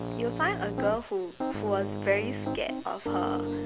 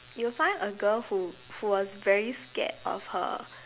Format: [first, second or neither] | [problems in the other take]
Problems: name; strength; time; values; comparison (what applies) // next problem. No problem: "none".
second | background sound (Piano); 2 dB below the speech